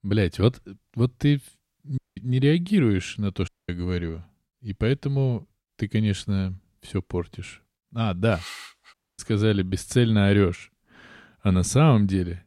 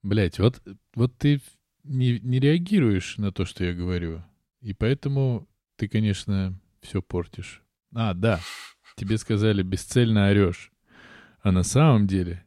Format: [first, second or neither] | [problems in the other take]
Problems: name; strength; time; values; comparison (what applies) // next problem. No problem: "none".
second | audio cutting out; at 2 s, at 3.5 s and at 9 s